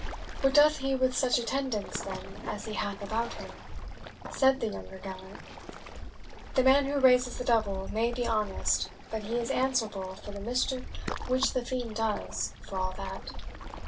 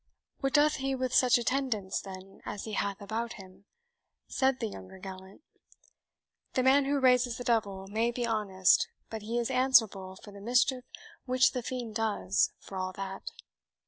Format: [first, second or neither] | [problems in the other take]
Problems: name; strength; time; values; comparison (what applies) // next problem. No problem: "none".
second | background sound (Waves, surf); 8 dB below the speech // room echo; dies away in 0.1 s